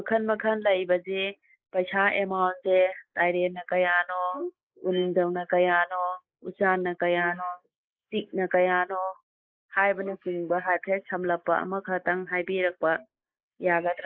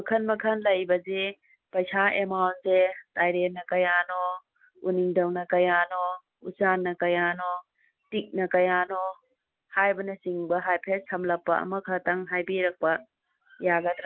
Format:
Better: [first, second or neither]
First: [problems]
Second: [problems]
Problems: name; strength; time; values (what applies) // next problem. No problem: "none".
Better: second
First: noise reduction (neural mask model Resemble Enhance denoiser)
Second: none